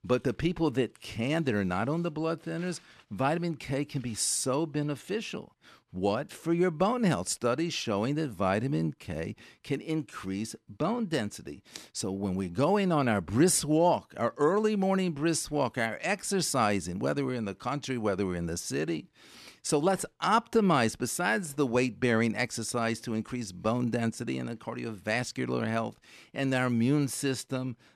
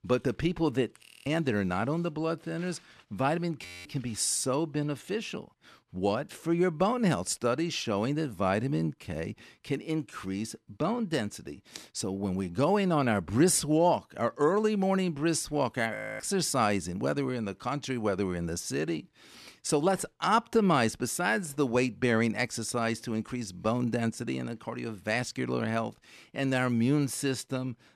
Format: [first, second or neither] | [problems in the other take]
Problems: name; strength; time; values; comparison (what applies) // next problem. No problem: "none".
first | audio freezing; at 1 s, at 3.5 s and at 16 s